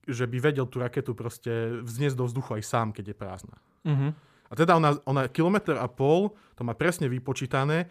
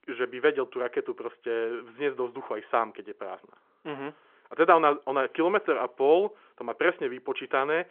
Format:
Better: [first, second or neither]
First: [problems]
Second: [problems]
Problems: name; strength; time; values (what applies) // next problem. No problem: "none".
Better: first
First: none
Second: phone-call audio; nothing above 3.5 kHz